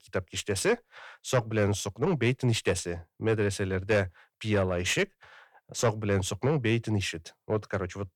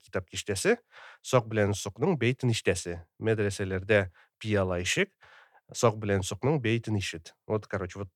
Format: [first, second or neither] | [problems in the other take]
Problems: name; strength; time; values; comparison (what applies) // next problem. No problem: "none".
second | distortion; slight; 10 dB below the speech